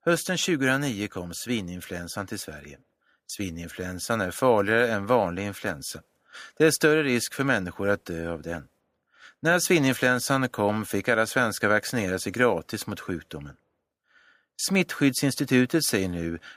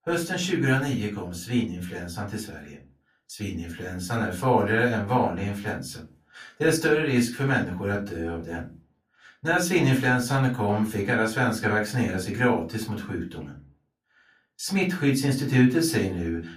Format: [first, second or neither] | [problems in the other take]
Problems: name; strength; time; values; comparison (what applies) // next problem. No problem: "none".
first | off-mic speech; far // room echo; very slight; dies away in 0.3 s